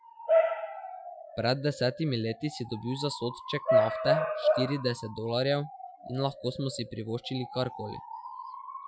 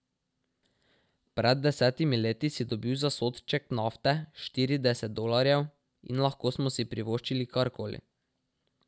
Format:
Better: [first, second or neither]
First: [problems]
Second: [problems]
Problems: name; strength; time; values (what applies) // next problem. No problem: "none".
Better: second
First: noise reduction (classical method Wiener filter)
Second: none